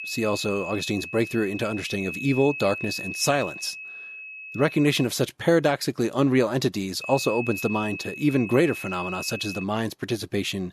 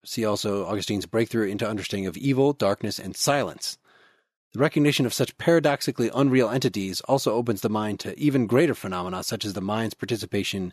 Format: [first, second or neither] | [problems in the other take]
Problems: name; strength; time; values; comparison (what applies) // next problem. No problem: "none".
second | high-pitched whine; loud; until 5 s and from 7 to 9.5 s; 2.5 kHz, 9 dB below the speech